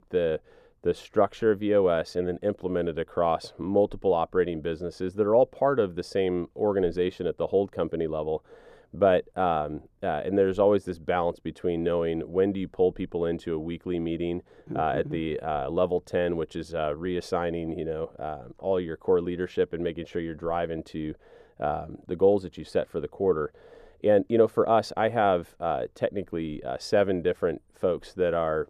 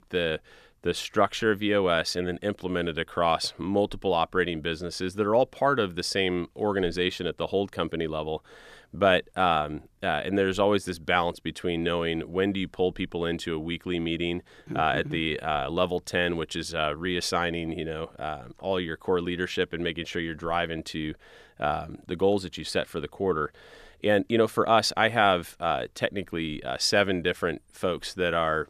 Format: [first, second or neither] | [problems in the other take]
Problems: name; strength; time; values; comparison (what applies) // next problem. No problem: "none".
second | muffled; slightly; fading above 1.5 kHz